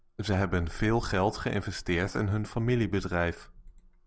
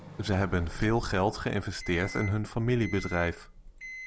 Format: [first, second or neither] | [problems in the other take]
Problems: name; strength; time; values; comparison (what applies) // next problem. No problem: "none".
first | background sound (Microwave oven); 16 dB below the speech